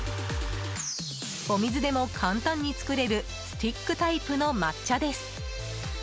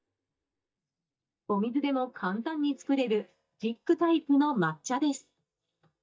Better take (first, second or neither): first